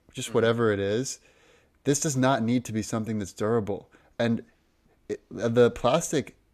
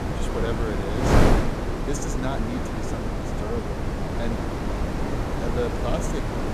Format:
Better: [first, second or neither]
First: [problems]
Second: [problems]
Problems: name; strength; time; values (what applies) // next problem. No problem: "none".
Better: first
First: none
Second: wind noise on the microphone; heavy; 5 dB above the speech